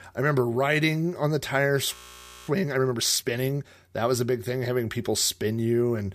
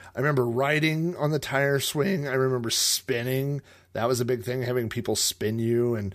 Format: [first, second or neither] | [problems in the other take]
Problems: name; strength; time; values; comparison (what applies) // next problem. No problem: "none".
second | audio freezing; at 2 s for 0.5 s